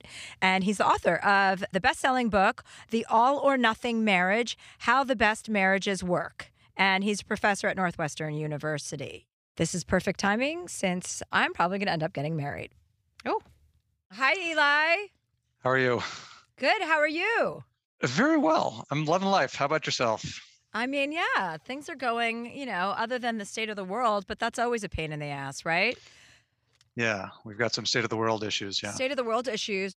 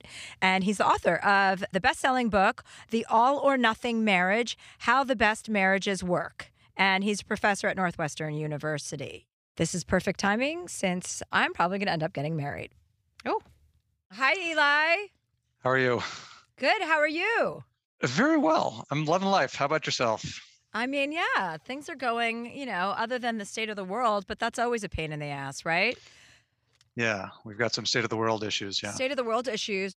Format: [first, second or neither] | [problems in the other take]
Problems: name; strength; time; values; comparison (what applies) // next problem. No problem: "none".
neither | none